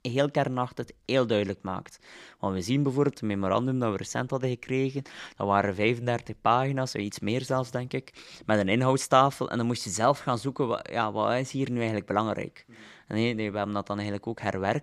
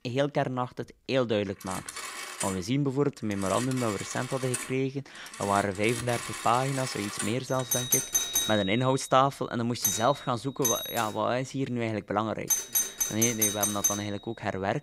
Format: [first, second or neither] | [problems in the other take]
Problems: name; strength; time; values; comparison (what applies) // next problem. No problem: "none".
first | alarms or sirens; loud; throughout; as loud as the speech